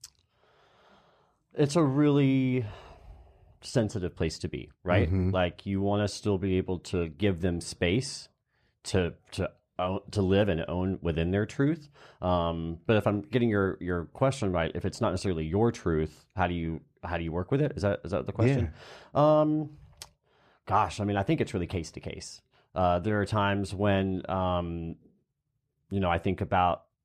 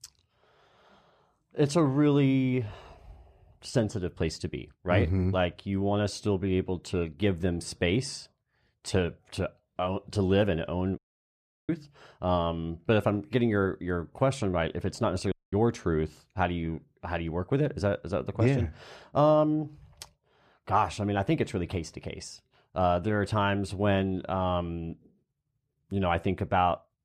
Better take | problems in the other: first | audio cutting out; at 11 s for 0.5 s and at 15 s

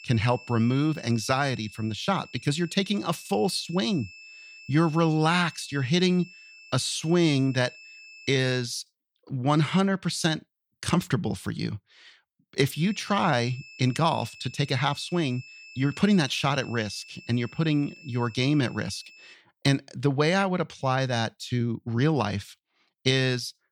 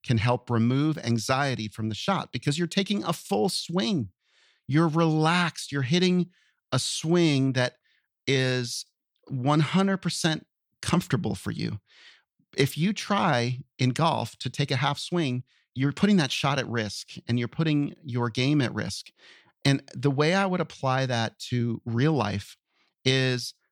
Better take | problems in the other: second | high-pitched whine; noticeable; until 8.5 s and from 13 to 19 s; 2.5 kHz, 20 dB below the speech

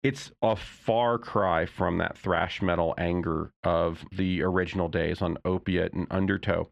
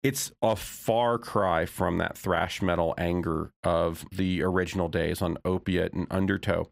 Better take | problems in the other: second | muffled; slightly; fading above 3 kHz

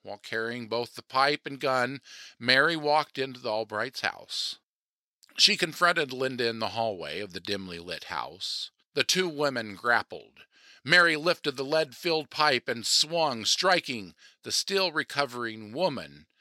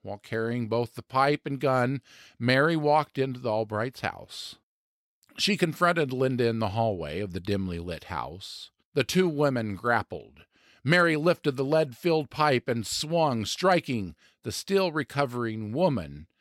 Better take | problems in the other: second | thin; somewhat; fading below 450 Hz

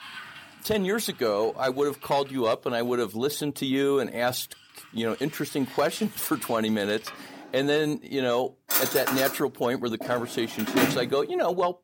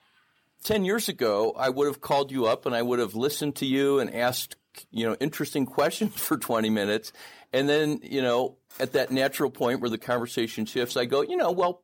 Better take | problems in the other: second | household noises; loud; throughout; 3 dB below the speech; faint in the second

